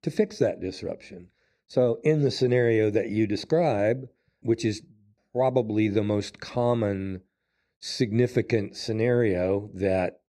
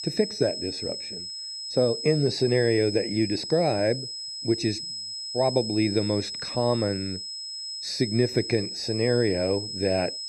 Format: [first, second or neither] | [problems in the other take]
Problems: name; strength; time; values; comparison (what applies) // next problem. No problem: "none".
first | high-pitched whine; loud; throughout; 5 kHz, 6 dB below the speech